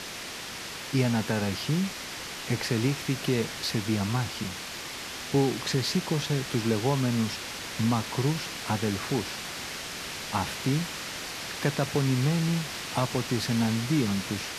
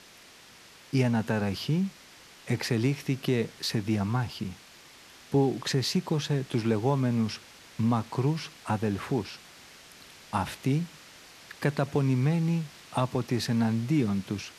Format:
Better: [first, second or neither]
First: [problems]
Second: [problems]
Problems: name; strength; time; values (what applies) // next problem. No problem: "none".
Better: second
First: hiss; loud; throughout; 6 dB below the speech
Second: hiss; faint; throughout; 20 dB below the speech